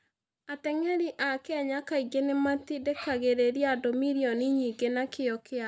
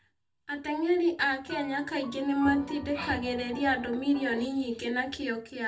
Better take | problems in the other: first | background sound (Piano); 14 dB below the speech // room echo; dies away in 0.2 s

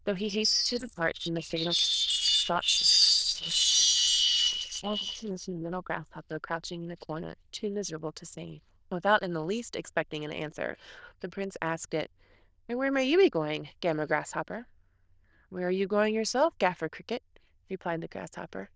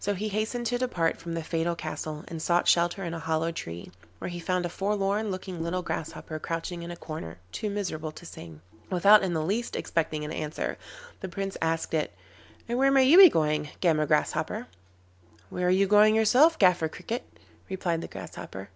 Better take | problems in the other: second | noise reduction (neural diffusion model UNIVERSE++)

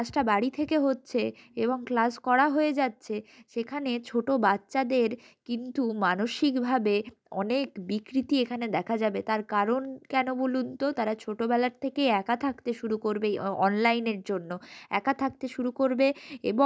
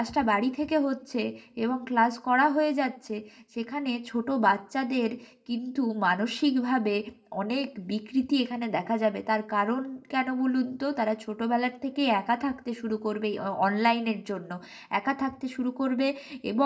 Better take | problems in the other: first | room echo; dies away in 0.4 s

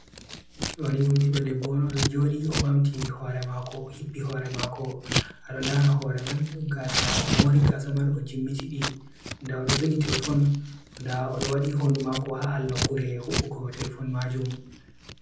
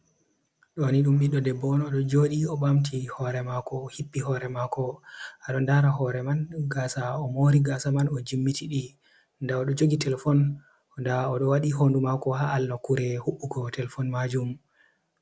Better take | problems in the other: second | background sound (Scissors); 5 dB below the speech // room echo; dies away in 0.6 s

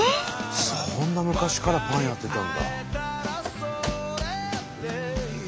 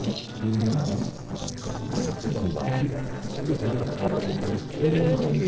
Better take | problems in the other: first | noise reduction (neural separator model SepFormer DNS4)

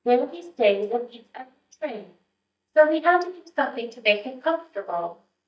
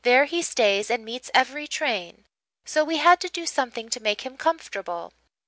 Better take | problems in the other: second | noise reduction (neural mask model DeepFilterNet 3)

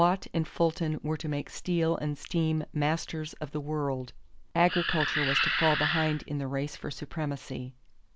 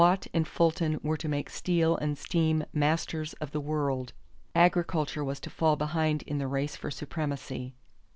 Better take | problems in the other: second | background sound (Animal); as loud as the speech

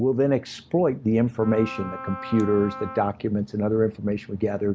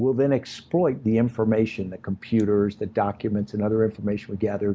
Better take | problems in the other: second | background sound (Wind instrument, woodwind instrument); 13 dB below the speech

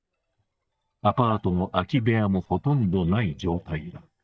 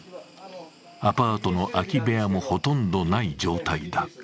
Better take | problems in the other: second | noise reduction (neural mask model DeepFilterNet 3)

